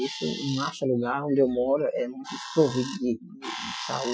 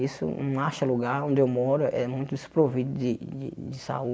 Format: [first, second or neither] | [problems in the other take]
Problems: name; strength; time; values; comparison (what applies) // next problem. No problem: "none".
second | noise reduction (classical method Wiener filter)